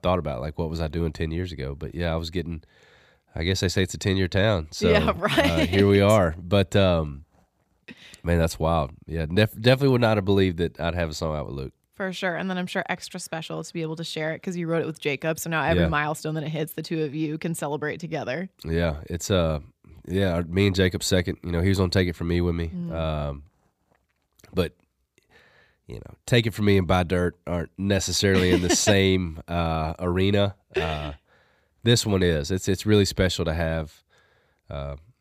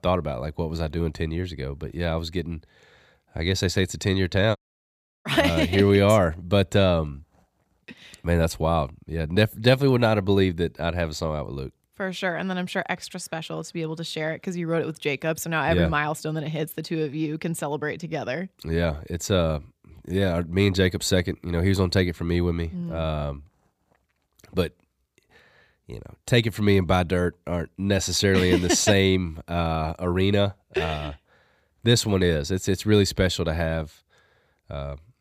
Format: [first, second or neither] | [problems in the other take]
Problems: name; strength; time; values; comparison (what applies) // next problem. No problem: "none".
first | audio cutting out; at 4.5 s for 0.5 s